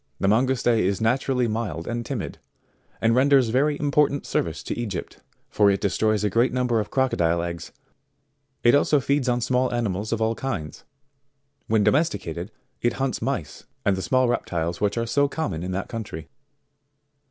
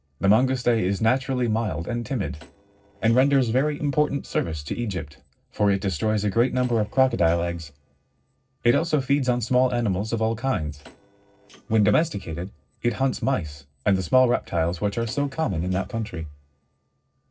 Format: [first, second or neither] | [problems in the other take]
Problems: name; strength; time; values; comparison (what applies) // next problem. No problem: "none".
first | noise reduction (neural separator model SepFormer DNS4)